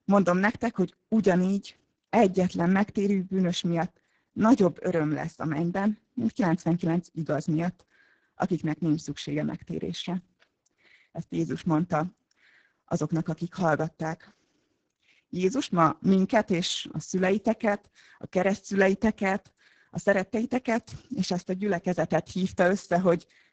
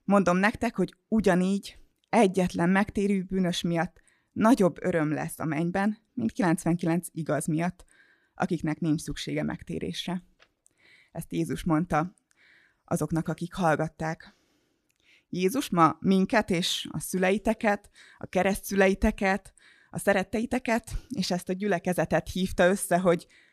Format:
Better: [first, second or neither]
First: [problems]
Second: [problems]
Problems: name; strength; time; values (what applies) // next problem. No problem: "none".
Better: second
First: garbled, watery; badly; nothing above 7.5 kHz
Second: none